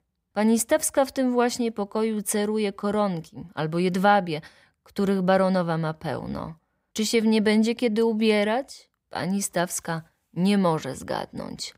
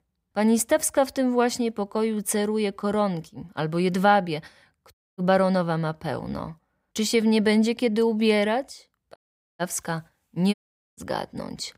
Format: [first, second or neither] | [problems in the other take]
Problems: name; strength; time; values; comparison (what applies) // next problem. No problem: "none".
first | audio cutting out; at 5 s, at 9 s and at 11 s